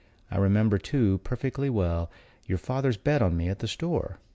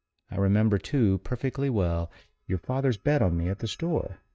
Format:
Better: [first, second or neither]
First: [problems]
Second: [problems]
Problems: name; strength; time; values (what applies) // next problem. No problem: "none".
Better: first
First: none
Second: noise reduction (neural mask model DeepFilterNet 3)